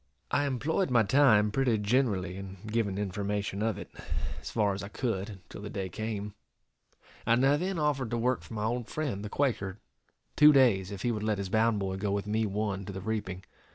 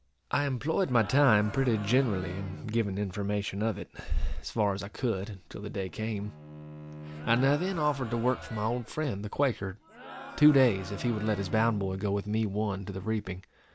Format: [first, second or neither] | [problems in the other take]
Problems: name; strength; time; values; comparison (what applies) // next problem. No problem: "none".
first | background sound (Bowed string instrument + Crowd); 15 dB below the speech